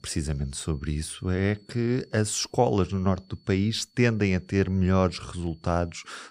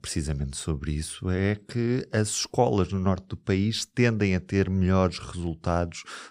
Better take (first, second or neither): second